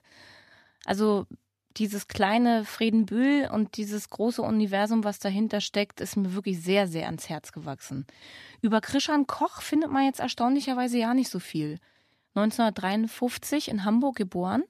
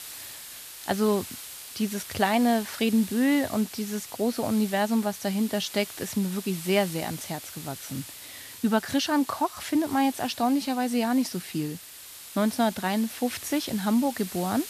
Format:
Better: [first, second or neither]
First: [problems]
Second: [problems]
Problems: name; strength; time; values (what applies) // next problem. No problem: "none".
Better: first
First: none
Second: hiss; noticeable; throughout; 10 dB below the speech